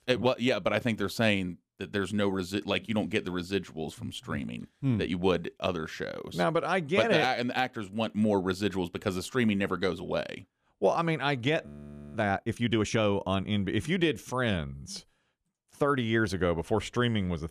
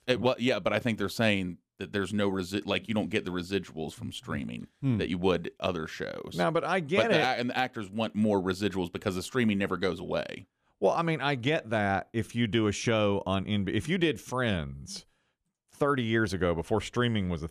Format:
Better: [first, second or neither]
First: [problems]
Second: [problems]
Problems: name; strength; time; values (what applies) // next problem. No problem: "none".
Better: second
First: audio freezing; at 12 s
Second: none